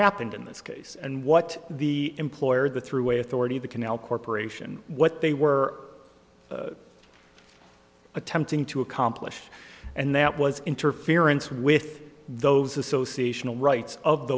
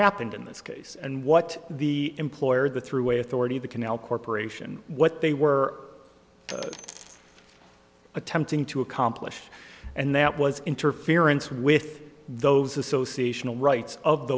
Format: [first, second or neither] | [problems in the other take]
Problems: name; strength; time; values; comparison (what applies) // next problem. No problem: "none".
first | background sound (Coin (dropping)); 18 dB below the speech